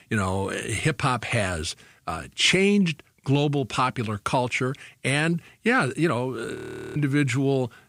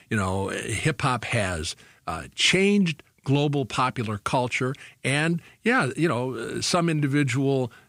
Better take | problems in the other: second | audio freezing; at 6.5 s

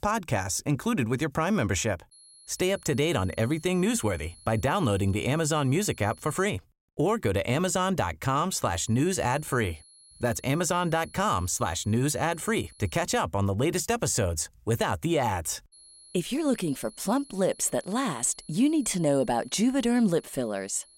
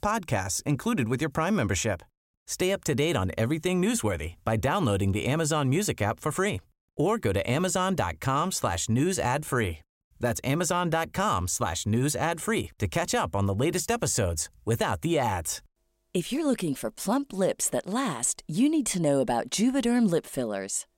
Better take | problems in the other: second | high-pitched whine; faint; from 2 to 6.5 s, from 9 to 13 s and from 16 s on; 11 kHz, 25 dB below the speech

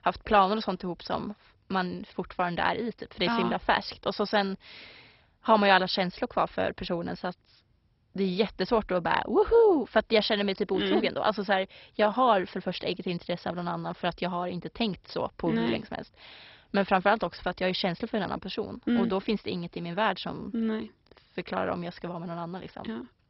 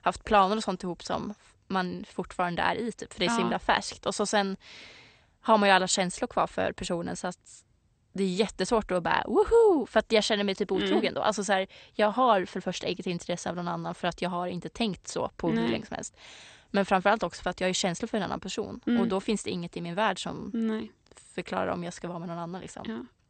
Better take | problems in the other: second | garbled, watery; badly; nothing above 5.5 kHz; slightly in the second

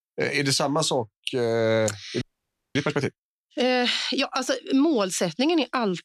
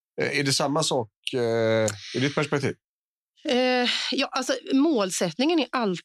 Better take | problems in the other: second | audio freezing; at 2 s for 0.5 s

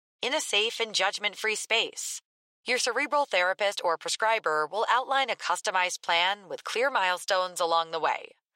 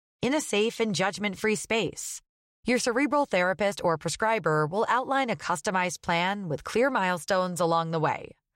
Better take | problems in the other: second | thin; very; fading below 650 Hz

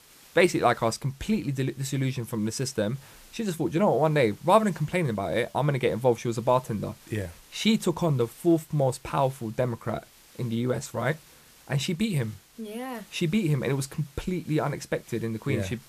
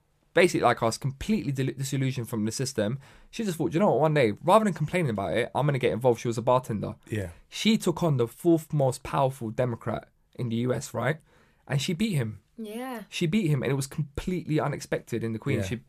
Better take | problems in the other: second | hiss; faint; throughout; 25 dB below the speech

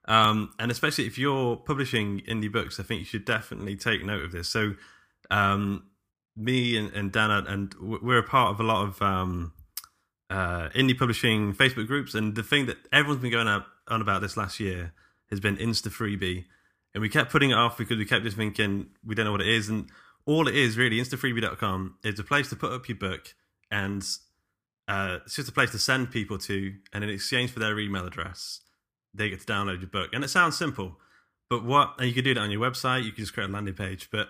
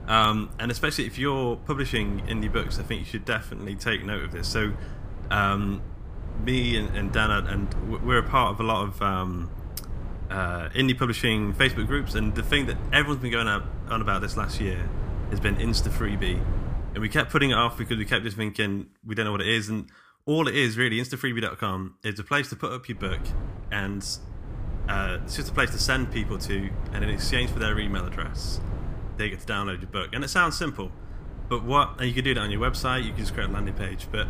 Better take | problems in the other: first | wind noise on the microphone; occasional gusts; until 18 s and from 23 s on; 20 dB below the speech

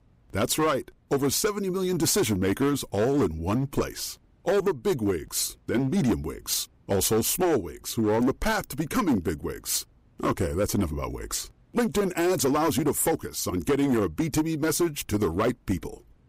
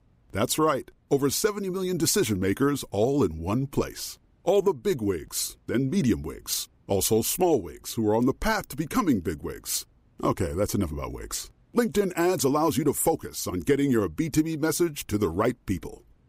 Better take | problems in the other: second | distortion; slight; 9% of the sound clipped

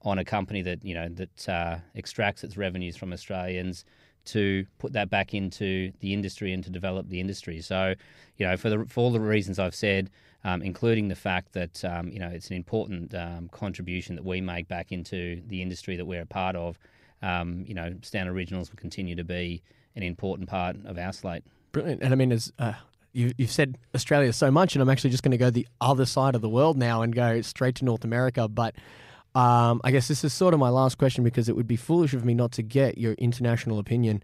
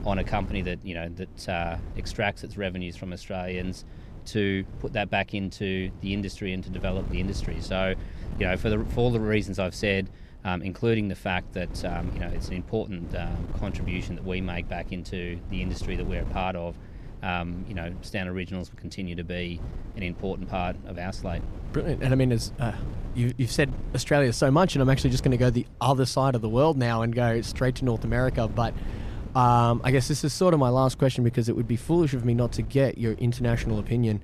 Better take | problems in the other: first | wind noise on the microphone; occasional gusts; 20 dB below the speech

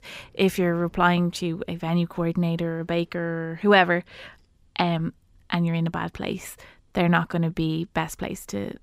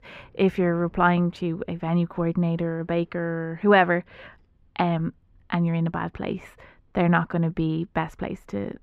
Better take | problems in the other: first | muffled; slightly; fading above 4 kHz

